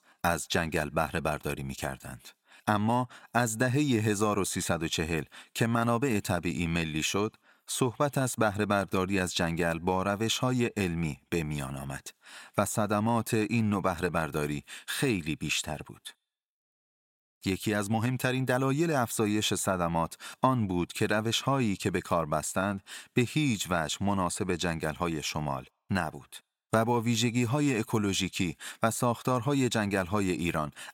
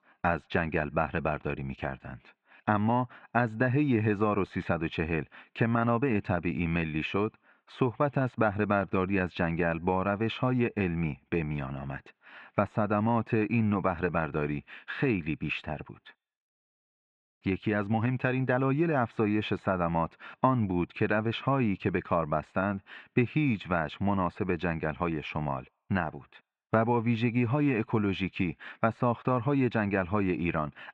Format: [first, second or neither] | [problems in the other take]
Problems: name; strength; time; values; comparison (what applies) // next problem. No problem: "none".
first | muffled; very; fading above 2.5 kHz